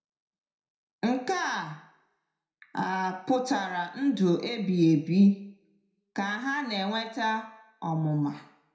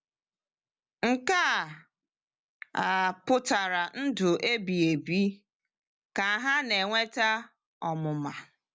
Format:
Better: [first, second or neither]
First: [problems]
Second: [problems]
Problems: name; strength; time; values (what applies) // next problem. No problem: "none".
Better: second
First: room echo; dies away in 0.6 s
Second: none